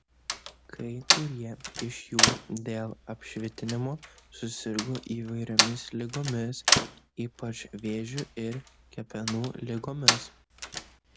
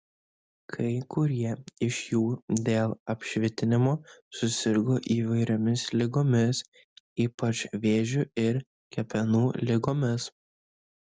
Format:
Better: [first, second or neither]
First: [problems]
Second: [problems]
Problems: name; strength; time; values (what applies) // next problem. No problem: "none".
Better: second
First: background sound (Slam); 4 dB above the speech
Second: none